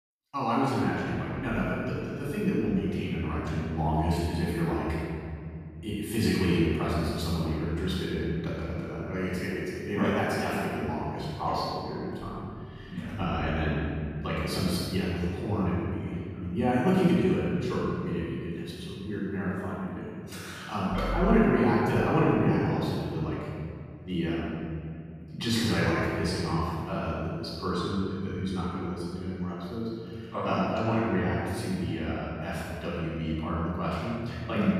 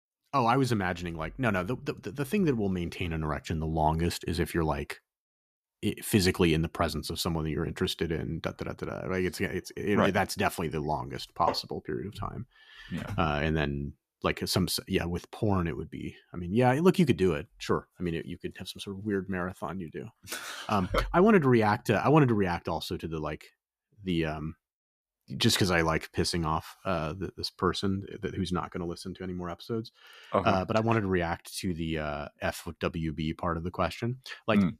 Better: second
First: off-mic speech; far // room echo; strong; dies away in 3 s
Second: none

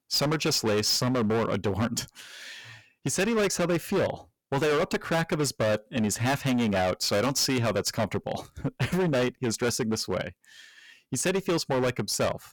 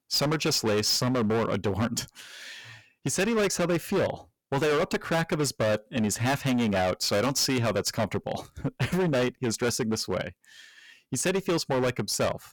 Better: neither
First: distortion; heavy; 18% of the sound clipped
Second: distortion; heavy; 18% of the sound clipped

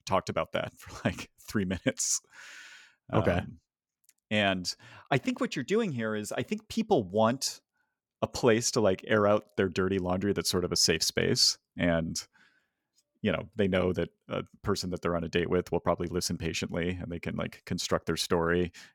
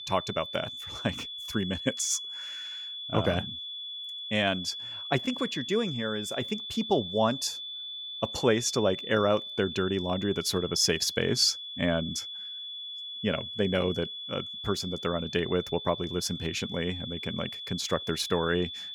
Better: first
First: none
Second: high-pitched whine; loud; throughout; 3.5 kHz, 7 dB below the speech

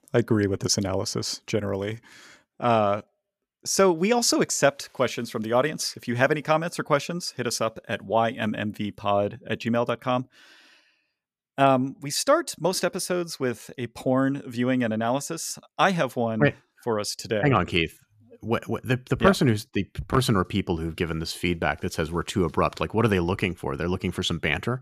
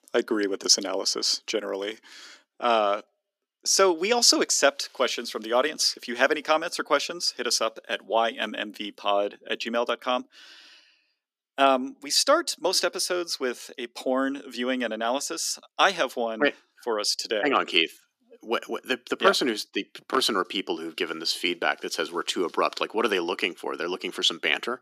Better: first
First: none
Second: thin; somewhat; fading below 250 Hz

